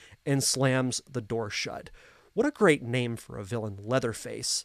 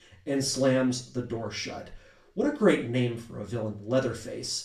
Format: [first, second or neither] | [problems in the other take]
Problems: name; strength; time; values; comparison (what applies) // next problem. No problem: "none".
first | room echo; slight; dies away in 0.4 s // off-mic speech; far